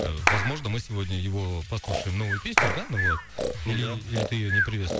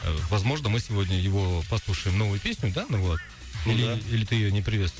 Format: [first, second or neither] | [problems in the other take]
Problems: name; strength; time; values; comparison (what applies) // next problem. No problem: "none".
second | background sound (Clapping + Breathing); as loud as the speech